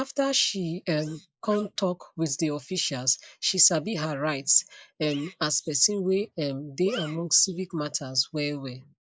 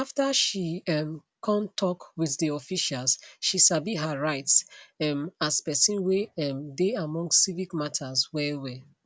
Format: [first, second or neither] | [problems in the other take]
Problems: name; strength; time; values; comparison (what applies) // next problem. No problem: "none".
second | noise reduction (neural mask model Resemble Enhance denoiser)